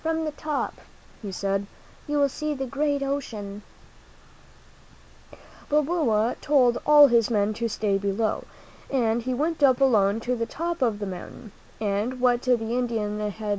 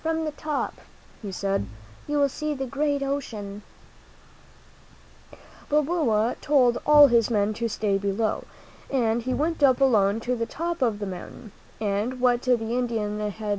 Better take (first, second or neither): first